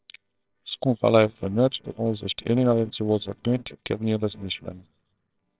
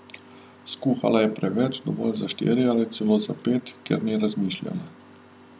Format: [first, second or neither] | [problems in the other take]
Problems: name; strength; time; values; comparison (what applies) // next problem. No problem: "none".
second | noise reduction (neural separator model SepFormer WHAMR!)